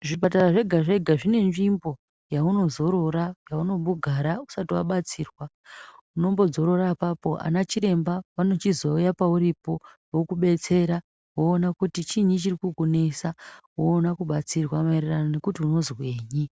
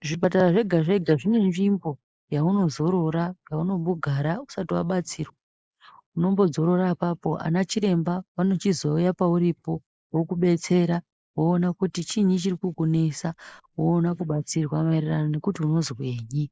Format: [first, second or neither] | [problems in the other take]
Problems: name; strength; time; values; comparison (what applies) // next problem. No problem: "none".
first | noise reduction (neural mask model Resemble Enhance denoiser)